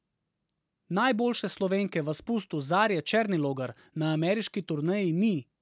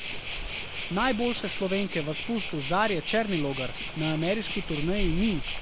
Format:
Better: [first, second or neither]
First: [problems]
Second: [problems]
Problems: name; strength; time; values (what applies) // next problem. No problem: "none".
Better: first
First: none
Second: background sound (Waves, surf); 4 dB below the speech